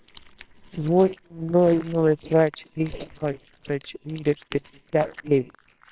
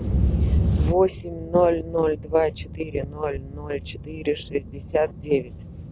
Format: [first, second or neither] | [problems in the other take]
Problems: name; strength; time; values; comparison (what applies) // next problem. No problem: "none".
second | noise reduction (neural separator model SepFormer WHAMR!)